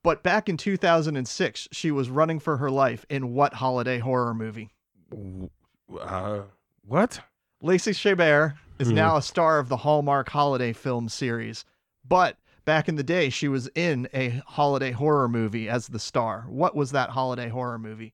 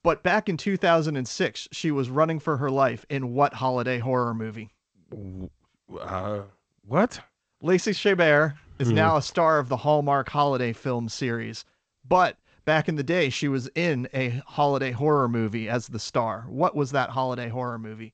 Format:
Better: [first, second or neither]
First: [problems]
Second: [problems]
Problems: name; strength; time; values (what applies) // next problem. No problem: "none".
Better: first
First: none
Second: garbled, watery; slightly; nothing above 7.5 kHz